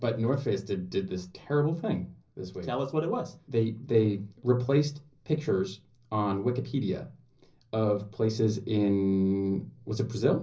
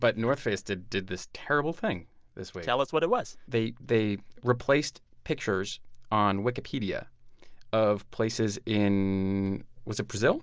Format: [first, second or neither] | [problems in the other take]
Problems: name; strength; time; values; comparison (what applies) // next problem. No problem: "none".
second | room echo; dies away in 0.5 s